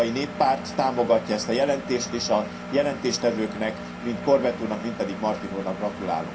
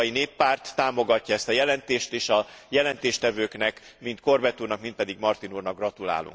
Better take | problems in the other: second | background sound (Engine); 10 dB below the speech // room echo; dies away in 0.3 s

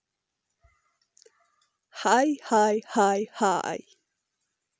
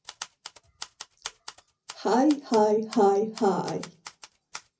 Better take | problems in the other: first | background sound (Typewriter); 18 dB below the speech // room echo; dies away in 0.5 s

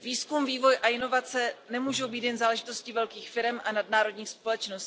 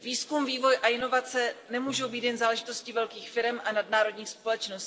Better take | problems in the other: first | room echo; dies away in 2.4 s

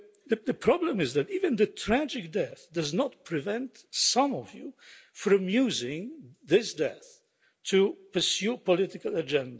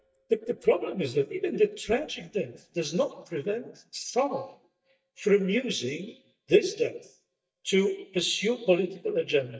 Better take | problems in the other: first | noise reduction (neural mask model DeepFilterNet 3)

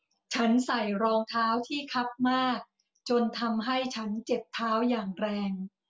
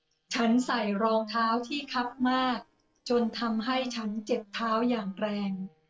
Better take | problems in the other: first | noise reduction (neural separator model SepFormer DNS4)

